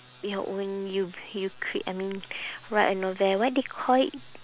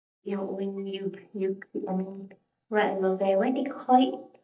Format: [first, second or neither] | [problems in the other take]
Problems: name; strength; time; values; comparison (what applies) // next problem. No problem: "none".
first | noise reduction (neural mask model DeepFilterNet 3)